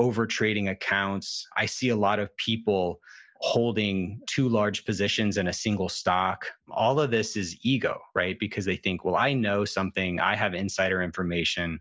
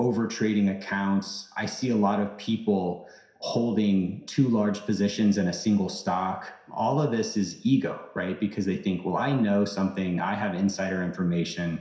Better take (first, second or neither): first